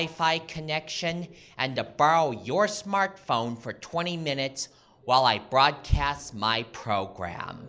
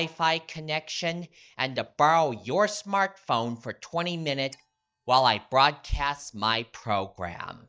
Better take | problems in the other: first | noise reduction (neural mask model DeepFilterNet 3)

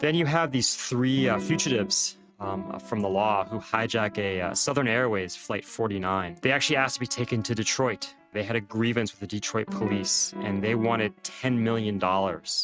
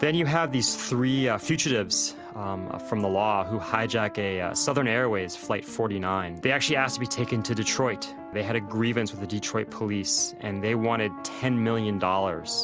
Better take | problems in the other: second | noise reduction (neural mask model RNNoise)

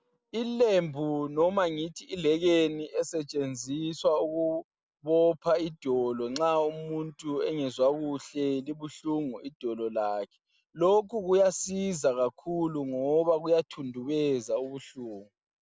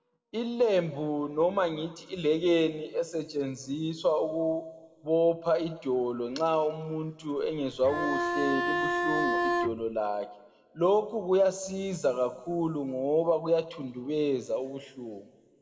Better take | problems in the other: first | background sound (Bowed string instrument); 1 dB below the speech // room echo; dies away in 1.4 s

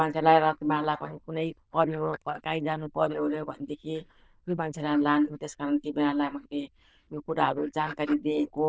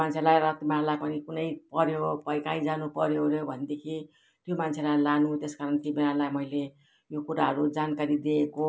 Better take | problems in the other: second | noise reduction (neural diffusion model UNIVERSE++)

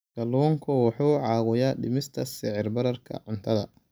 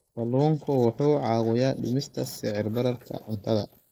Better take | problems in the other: first | noise reduction (neural mask model Resemble Enhance denoiser)

